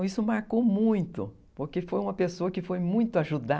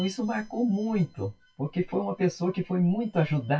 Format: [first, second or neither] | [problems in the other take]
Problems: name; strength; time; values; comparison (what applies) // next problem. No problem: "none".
first | noise reduction (classical method WPE with log-MMSE)